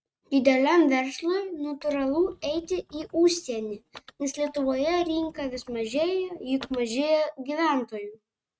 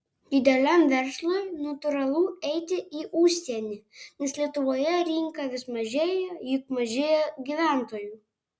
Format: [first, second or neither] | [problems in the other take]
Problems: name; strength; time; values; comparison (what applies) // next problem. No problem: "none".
second | noise reduction (neural mask model RNNoise)